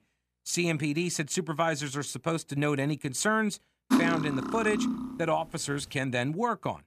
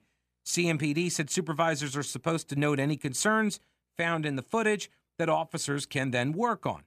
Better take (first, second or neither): second